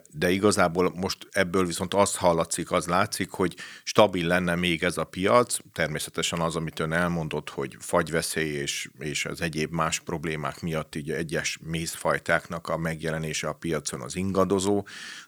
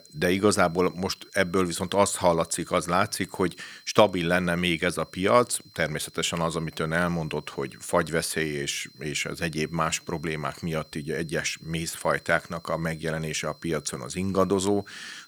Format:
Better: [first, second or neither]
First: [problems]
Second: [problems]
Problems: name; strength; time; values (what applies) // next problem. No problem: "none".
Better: first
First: none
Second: high-pitched whine; faint; throughout; 4 kHz, 25 dB below the speech